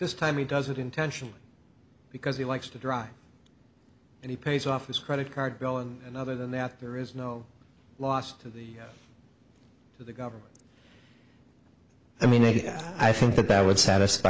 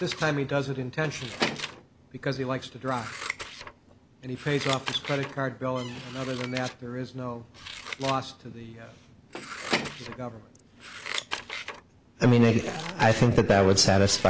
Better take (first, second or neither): first